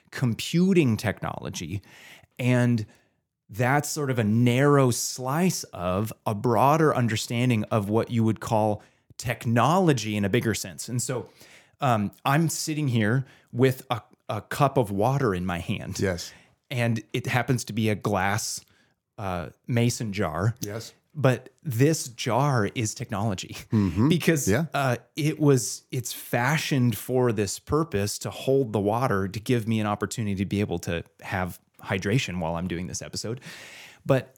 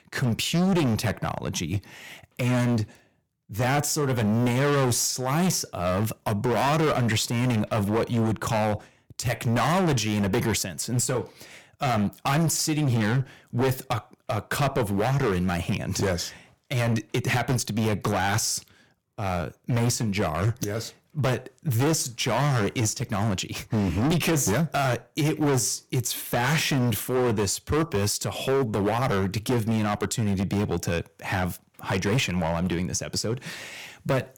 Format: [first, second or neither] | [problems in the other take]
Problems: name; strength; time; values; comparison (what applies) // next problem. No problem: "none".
first | distortion; heavy; 17% of the sound clipped